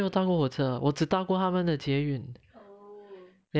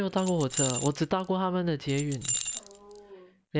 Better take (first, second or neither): first